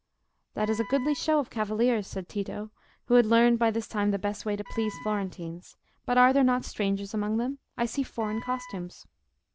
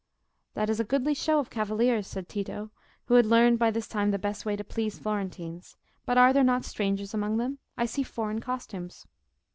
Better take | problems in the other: second | background sound (Wind instrument, woodwind instrument); 18 dB below the speech

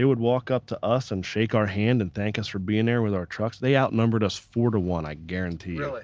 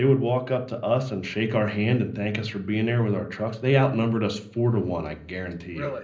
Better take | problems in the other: first | room echo; dies away in 0.5 s

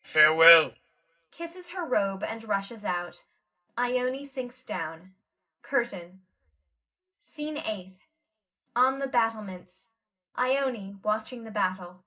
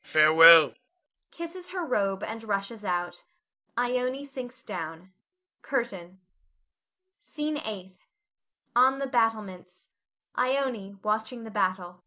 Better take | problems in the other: second | room echo; dies away in 0.4 s

